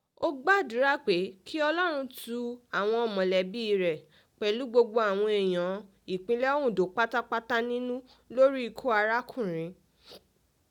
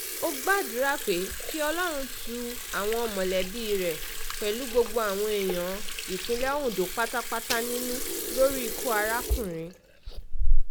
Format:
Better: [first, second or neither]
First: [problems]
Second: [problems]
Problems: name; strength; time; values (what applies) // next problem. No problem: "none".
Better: first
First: none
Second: background sound (Sink (filling or washing) / Water tap, faucet); 3 dB above the speech